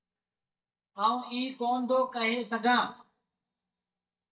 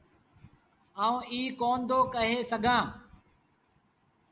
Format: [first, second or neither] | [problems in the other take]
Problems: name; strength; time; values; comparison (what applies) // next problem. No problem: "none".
second | noise reduction (neural mask model DeepFilterNet 3)